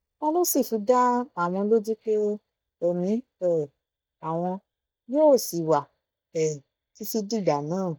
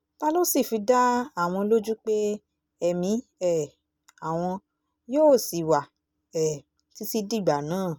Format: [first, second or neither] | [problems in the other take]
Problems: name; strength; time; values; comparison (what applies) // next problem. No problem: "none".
second | noise reduction (neural mask model DeepFilterNet 3)